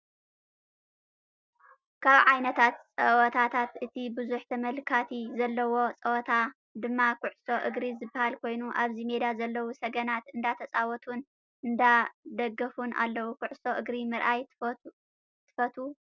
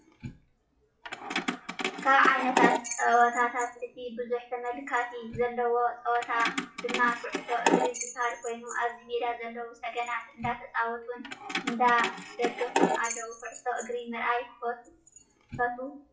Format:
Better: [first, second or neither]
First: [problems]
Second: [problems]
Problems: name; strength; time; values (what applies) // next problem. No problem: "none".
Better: first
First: none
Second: noise reduction (classical method WPE with log-MMSE)